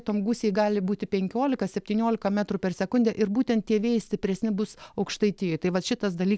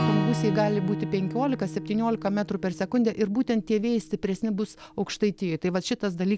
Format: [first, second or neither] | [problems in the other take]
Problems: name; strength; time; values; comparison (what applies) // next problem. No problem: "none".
first | background sound (Acoustic guitar / Strum); 7 dB below the speech